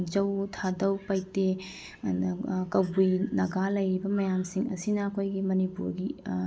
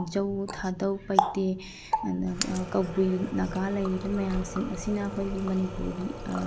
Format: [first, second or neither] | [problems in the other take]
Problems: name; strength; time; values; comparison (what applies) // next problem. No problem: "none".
first | background sound (Water tap, faucet); 5 dB below the speech